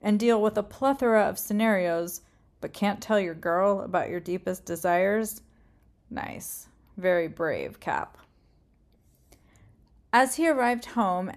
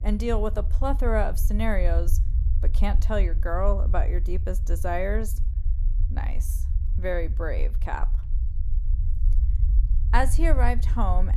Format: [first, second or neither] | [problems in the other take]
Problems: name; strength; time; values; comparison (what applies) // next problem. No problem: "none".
first | low rumble; noticeable; throughout; 15 dB below the speech